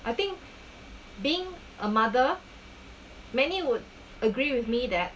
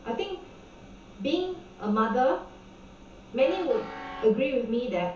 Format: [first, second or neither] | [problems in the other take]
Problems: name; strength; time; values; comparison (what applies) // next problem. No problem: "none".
first | background sound (Train); 18 dB below the speech // room echo; dies away in 0.7 s